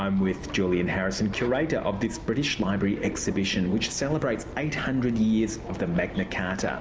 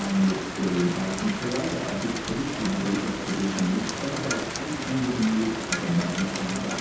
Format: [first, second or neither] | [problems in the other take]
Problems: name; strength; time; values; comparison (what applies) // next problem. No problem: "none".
first | background sound (Rain); 5 dB below the speech // room echo; dies away in 0.8 s